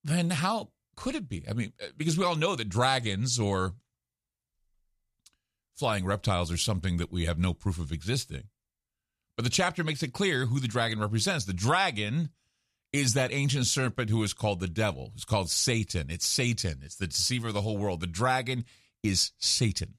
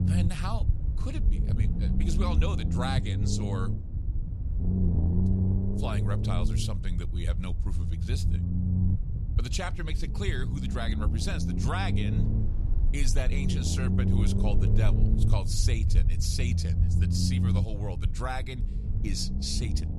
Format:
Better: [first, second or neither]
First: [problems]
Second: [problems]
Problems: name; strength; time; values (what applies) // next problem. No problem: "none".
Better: first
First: none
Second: low rumble; loud; throughout; 4 dB below the speech